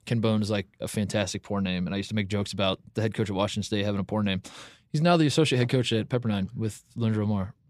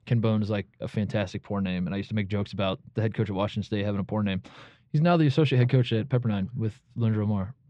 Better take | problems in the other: first | muffled; slightly; fading above 3 kHz

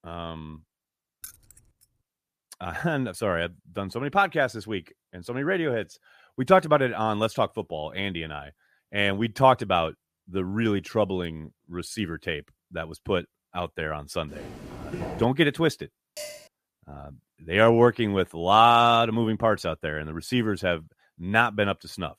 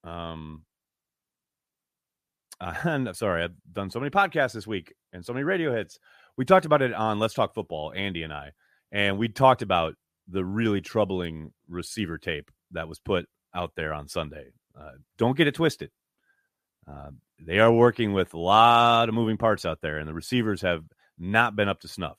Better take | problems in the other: second | jangling keys; faint; at 1 s; peak 20 dB below the speech // footsteps; noticeable; at 14 s; peak 9 dB below the speech // clattering dishes; faint; at 16 s; peak 15 dB below the speech

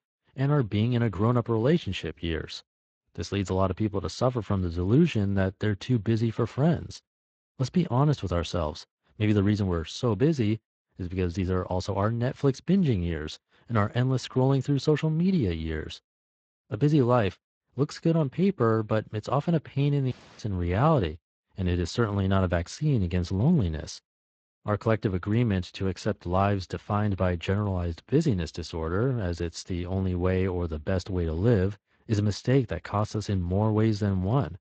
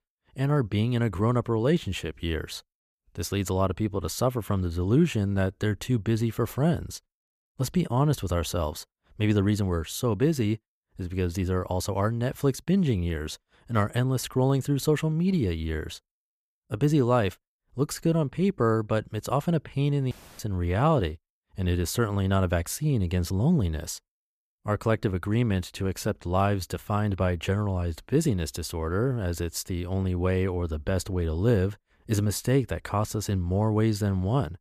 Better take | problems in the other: second | garbled, watery; slightly; nothing above 8 kHz

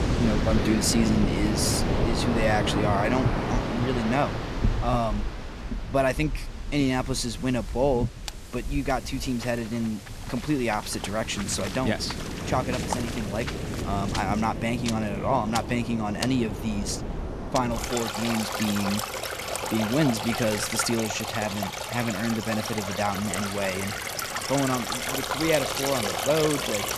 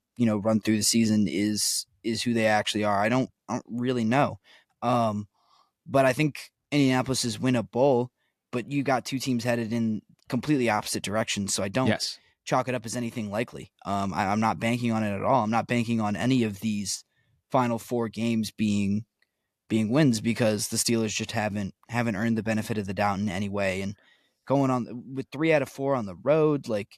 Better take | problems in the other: second | rain or running water; loud; throughout; 2 dB below the speech

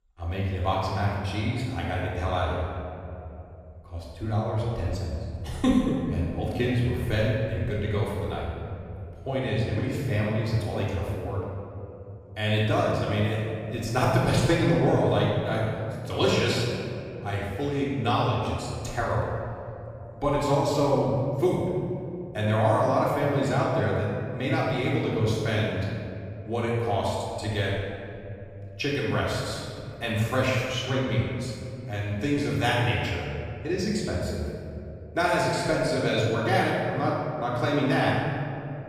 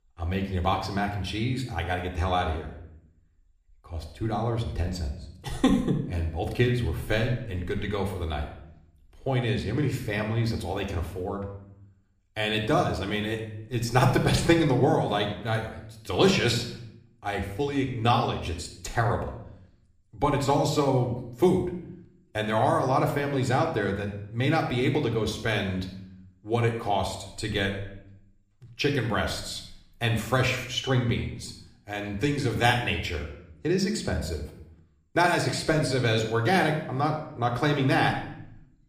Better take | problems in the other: second | room echo; strong; dies away in 2.6 s; slight in the second // off-mic speech; far; somewhat distant in the second

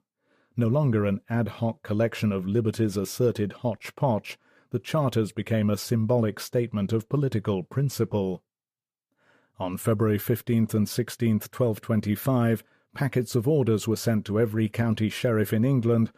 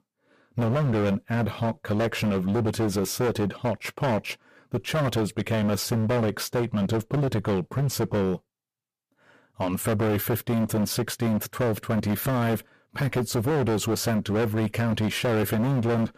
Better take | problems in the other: first | distortion; heavy; 23% of the sound clipped

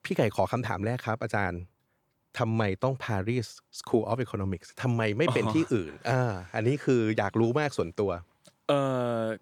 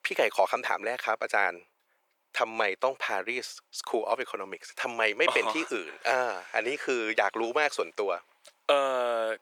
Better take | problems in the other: first | thin; very; fading below 500 Hz

